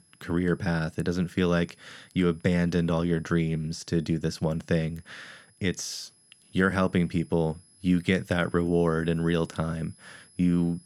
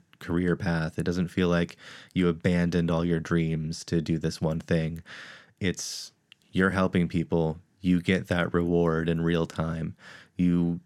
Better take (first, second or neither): second